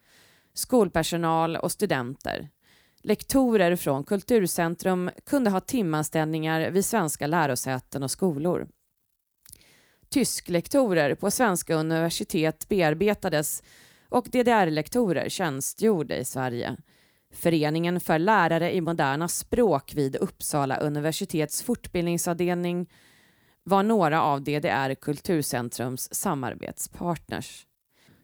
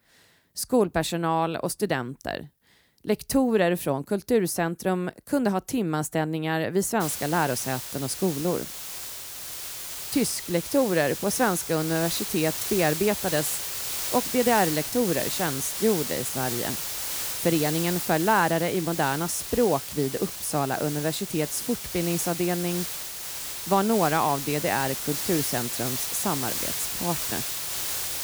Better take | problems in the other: first | hiss; loud; from 7 s on; 4 dB below the speech

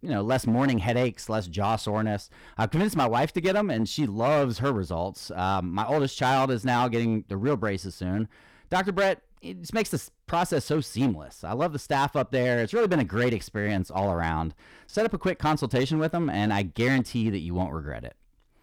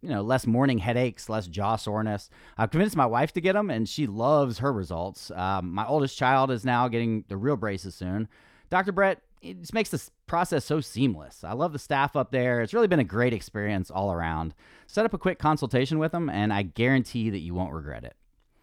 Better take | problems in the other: second | distortion; slight; 7% of the sound clipped

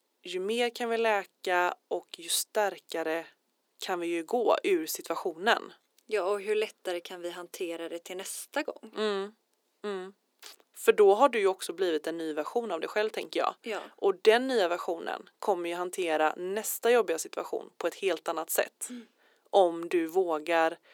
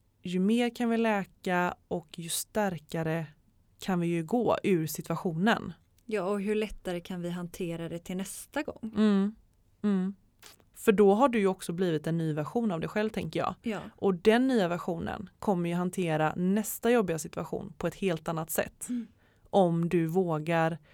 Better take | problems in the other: second | thin; very; fading below 300 Hz

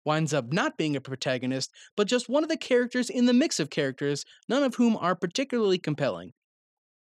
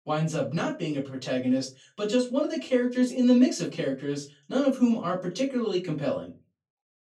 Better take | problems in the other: first | off-mic speech; far // room echo; very slight; dies away in 0.2 s

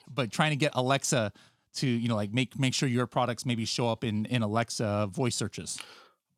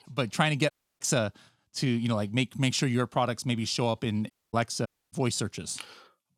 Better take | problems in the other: first | audio cutting out; at 0.5 s, at 4.5 s and at 5 s

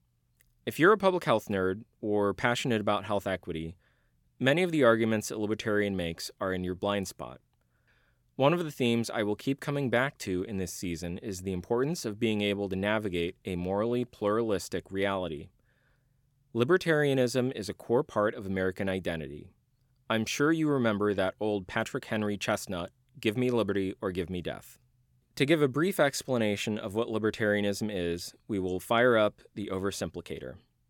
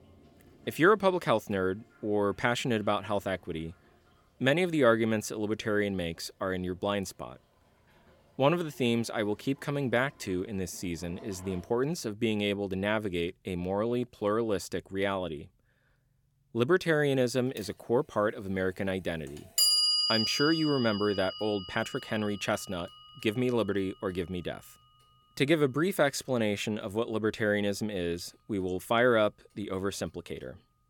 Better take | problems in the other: first | household noises; very loud; throughout; 1 dB above the speech

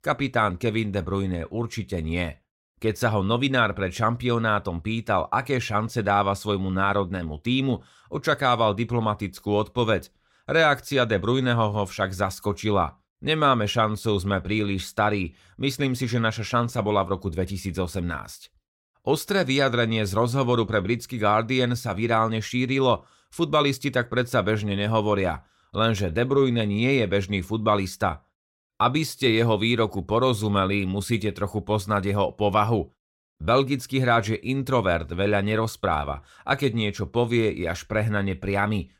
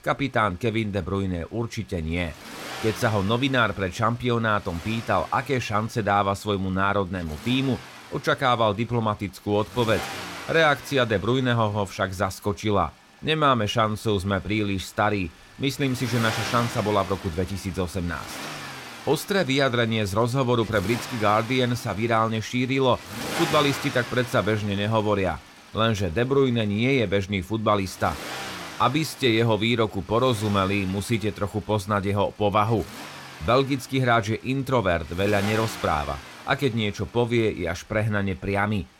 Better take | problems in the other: first | traffic noise; noticeable; throughout; 15 dB below the speech

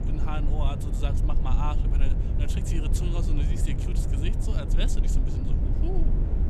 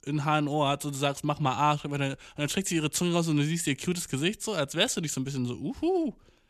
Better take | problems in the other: second | low rumble; loud; throughout; 3 dB below the speech

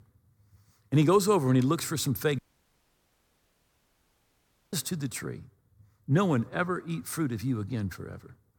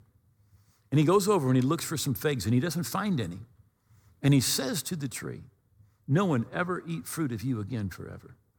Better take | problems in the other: second | audio cutting out; at 2.5 s for 2.5 s

